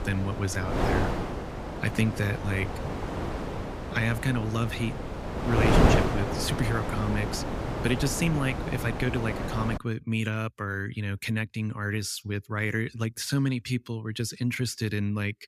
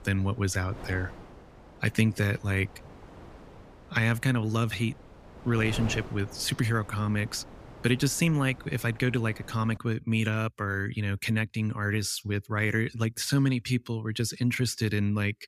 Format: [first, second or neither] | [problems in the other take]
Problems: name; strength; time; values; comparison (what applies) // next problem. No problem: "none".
second | wind noise on the microphone; heavy; until 10 s; as loud as the speech; occasional gusts in the second